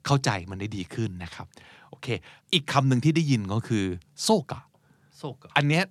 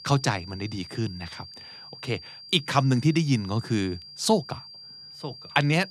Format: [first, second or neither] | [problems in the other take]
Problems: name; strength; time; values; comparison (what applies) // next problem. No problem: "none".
first | high-pitched whine; noticeable; throughout; 4.5 kHz, 15 dB below the speech